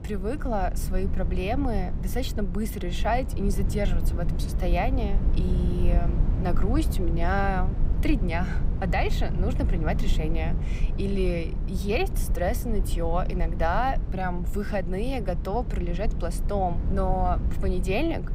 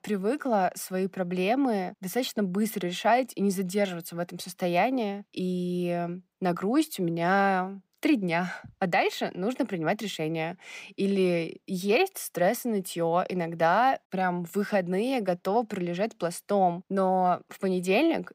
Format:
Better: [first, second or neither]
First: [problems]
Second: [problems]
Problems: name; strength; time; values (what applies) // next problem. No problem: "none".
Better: second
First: low rumble; noticeable; throughout; 10 dB below the speech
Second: none